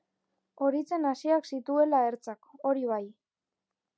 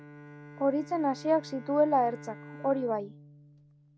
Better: first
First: none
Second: background sound (Bowed string instrument); 17 dB below the speech

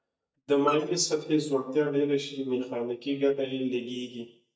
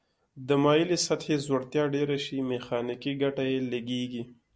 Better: second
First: noise reduction (neural mask model DeepFilterNet 3)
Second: none

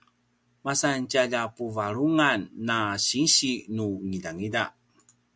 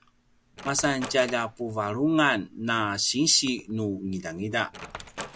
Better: first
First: none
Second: background sound (Wood); 17 dB below the speech

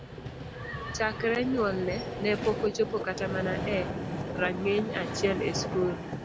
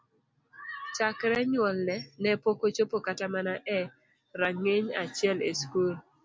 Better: second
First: background sound (Vehicle); 5 dB below the speech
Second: none

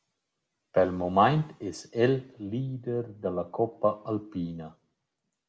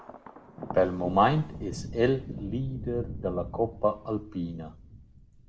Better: first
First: none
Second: background sound (Thunder); 11 dB below the speech

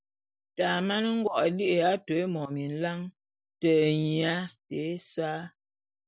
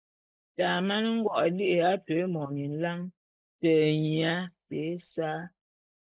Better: first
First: none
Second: noise reduction (neural mask model Resemble Enhance denoiser)

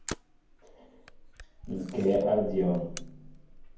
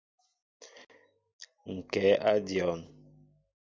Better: second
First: background sound (Camera); 12 dB below the speech // room echo; dies away in 0.9 s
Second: none

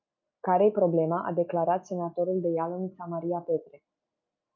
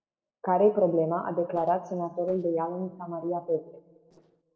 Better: first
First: none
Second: noise reduction (neural separator model SepFormer DNS4)

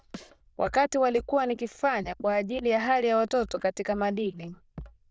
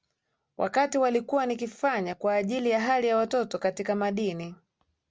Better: second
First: noise reduction (neural diffusion model UNIVERSE++)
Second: none

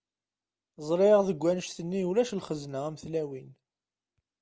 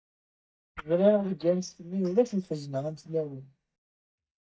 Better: first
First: none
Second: noise reduction (neural mask model DeepFilterNet 3)

